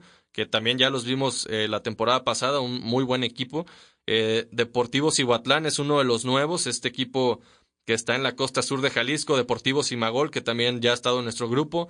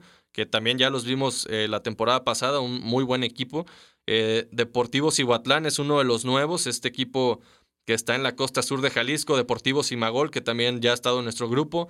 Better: second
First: garbled, watery; slightly; nothing above 9.5 kHz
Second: none

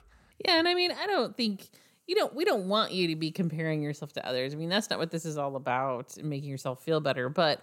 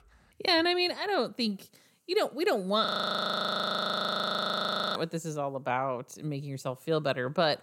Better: first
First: none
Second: audio freezing; at 3 s for 2 s

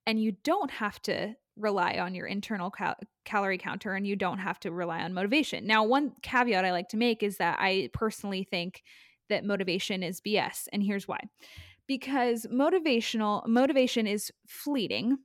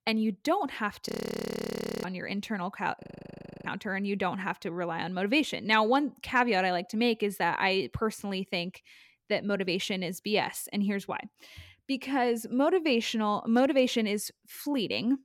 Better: first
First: none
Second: audio freezing; at 1 s for 1 s and at 3 s for 0.5 s

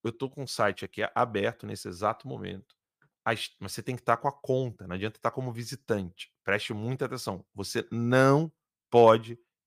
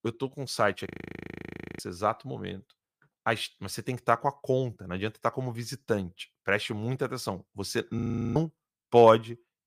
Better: first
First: none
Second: audio freezing; at 1 s for 1 s and at 8 s

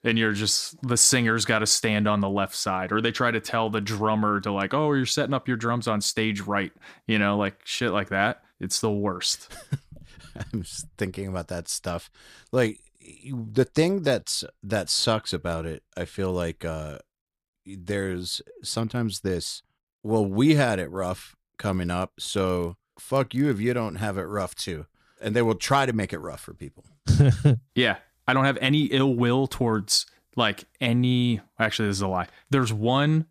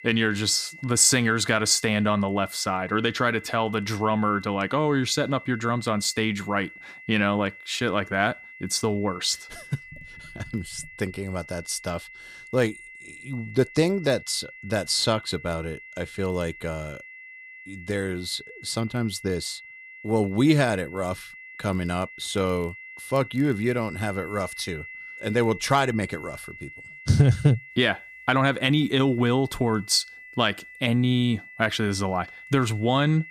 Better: first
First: none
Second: high-pitched whine; noticeable; throughout; 2 kHz, 15 dB below the speech

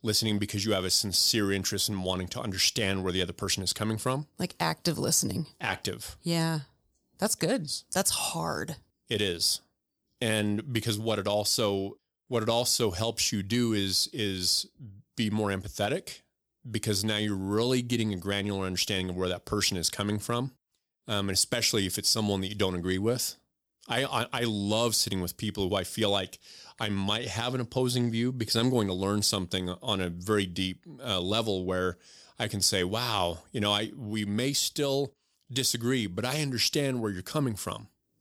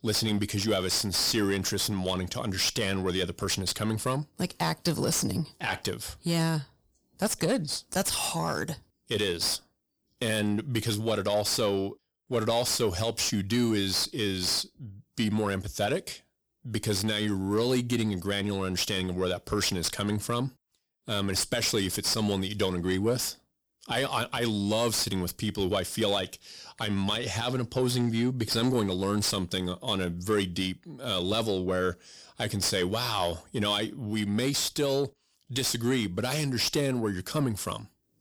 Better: first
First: none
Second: distortion; slight; 10 dB below the speech

